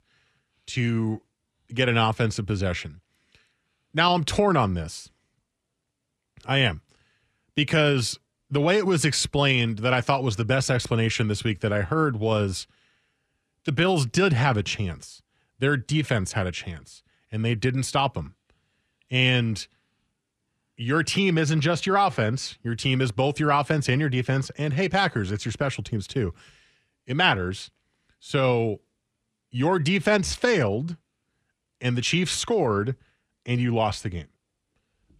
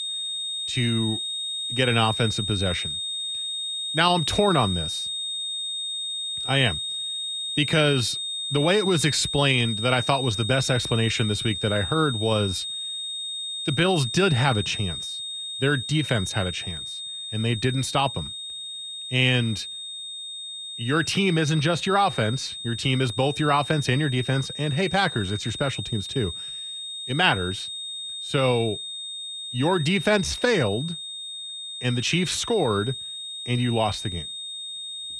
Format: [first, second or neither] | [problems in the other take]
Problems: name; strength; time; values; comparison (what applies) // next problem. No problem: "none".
first | high-pitched whine; loud; throughout; 3.5 kHz, 5 dB below the speech